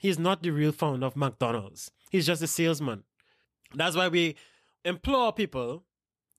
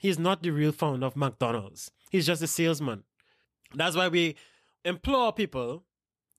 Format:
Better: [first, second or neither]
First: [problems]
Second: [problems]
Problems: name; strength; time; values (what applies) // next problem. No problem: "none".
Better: neither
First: none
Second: none